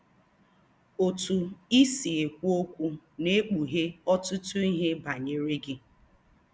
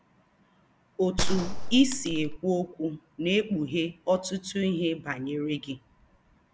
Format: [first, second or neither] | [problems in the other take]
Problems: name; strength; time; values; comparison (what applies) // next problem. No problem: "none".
first | background sound (Gunshot, gunfire); 3 dB above the speech